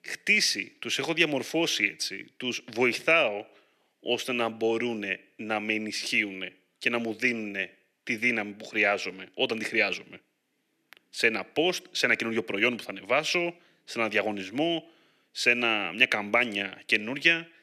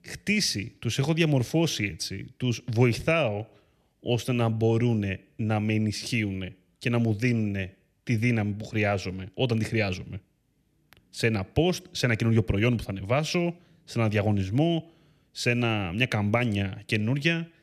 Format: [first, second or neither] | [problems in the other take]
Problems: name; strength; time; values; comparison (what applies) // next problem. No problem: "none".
second | thin; somewhat; fading below 300 Hz